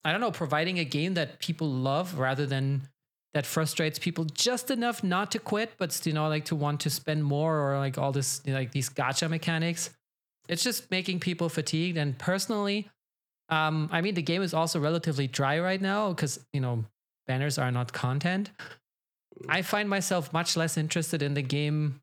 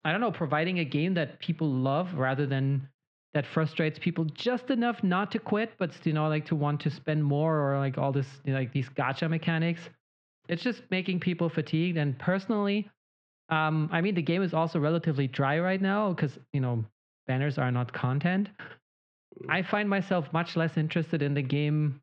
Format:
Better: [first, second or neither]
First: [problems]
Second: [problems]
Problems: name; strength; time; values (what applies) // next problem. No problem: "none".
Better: first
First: none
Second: muffled; very; fading above 3 kHz